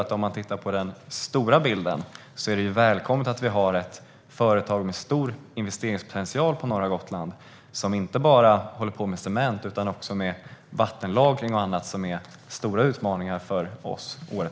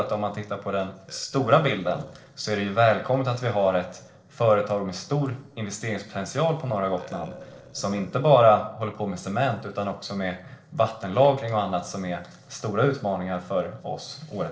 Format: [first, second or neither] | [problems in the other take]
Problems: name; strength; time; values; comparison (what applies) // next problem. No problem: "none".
first | noise reduction (neural separator model SepFormer DNS4)